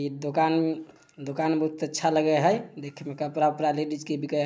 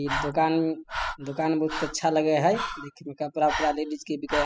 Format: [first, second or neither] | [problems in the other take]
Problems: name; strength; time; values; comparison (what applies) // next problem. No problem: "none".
first | noise reduction (classical method spectral subtraction)